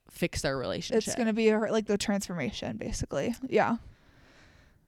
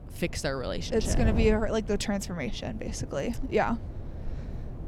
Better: first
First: none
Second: wind noise on the microphone; occasional gusts; 15 dB below the speech

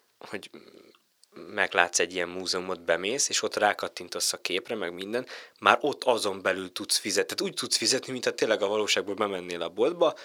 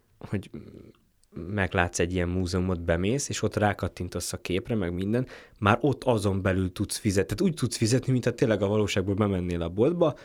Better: second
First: thin; very; fading below 500 Hz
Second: none

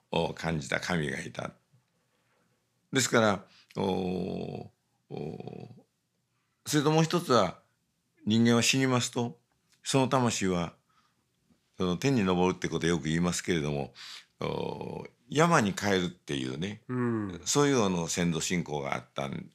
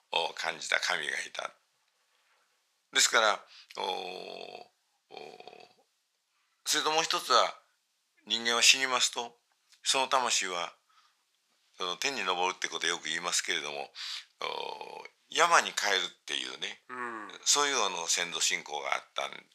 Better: first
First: none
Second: thin; very; fading below 800 Hz

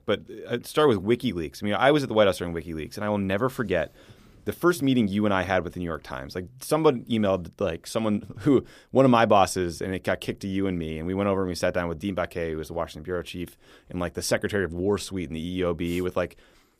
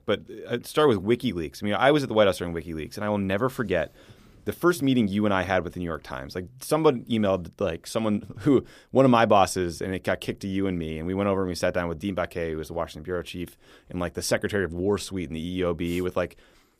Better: neither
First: none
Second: none

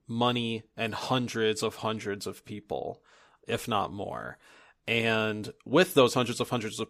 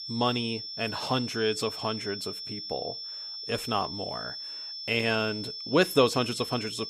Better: first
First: none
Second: high-pitched whine; loud; throughout; 5.5 kHz, 6 dB below the speech

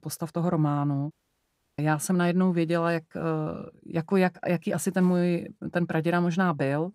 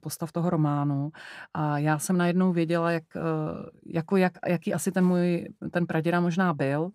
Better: second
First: audio cutting out; at 1 s for 0.5 s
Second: none

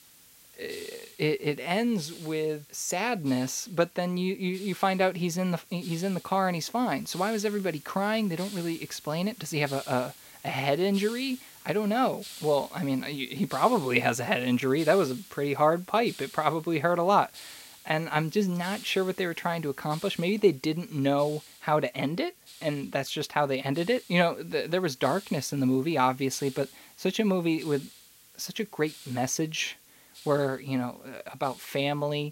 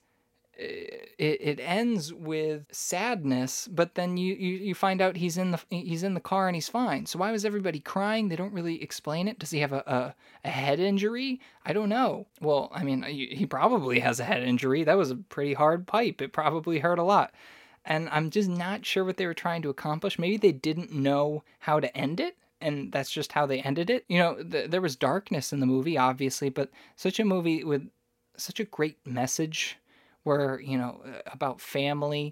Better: second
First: hiss; noticeable; throughout; 20 dB below the speech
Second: none

